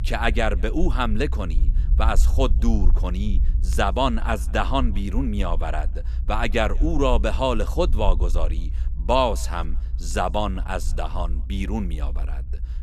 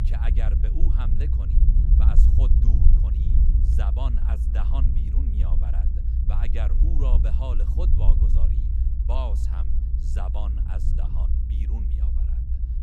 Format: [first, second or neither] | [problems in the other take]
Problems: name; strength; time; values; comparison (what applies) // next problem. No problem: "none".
first | low rumble; loud; throughout; 1 dB below the speech; faint in the first